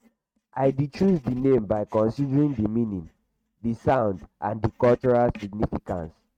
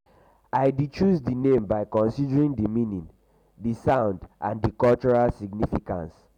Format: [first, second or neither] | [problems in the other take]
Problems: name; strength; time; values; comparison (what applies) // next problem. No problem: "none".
second | noise reduction (neural mask model RNNoise)